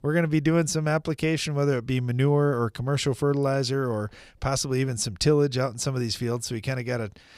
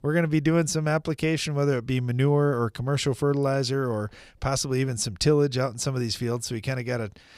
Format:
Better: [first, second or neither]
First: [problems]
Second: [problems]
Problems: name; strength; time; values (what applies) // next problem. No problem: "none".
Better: neither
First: none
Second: none